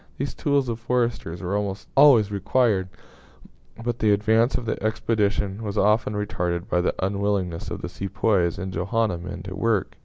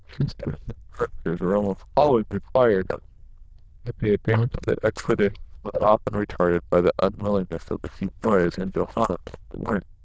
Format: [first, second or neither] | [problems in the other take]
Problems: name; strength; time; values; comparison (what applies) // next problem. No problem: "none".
first | noise reduction (neural diffusion model UNIVERSE++)